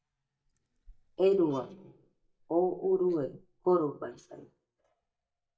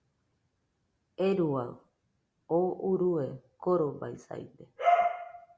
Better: second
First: noise reduction (neural mask model DeepFilterNet 3)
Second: none

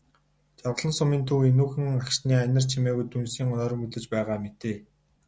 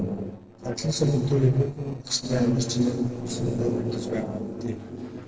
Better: first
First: none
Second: noise reduction (neural separator model SepFormer DNS4)

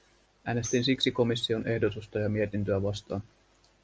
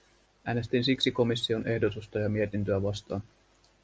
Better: second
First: background sound (Tambourine); 16 dB below the speech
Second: none

